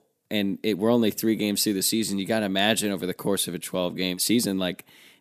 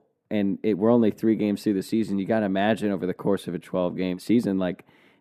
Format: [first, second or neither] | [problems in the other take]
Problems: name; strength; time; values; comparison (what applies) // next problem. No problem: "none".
first | muffled; very; fading above 3 kHz